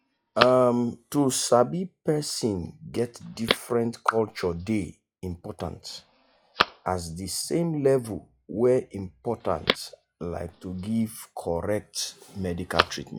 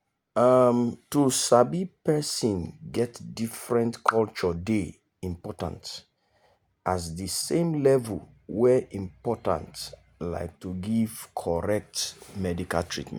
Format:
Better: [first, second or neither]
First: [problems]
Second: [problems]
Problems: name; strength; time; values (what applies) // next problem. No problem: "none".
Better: second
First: noise reduction (classical method log-MMSE)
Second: none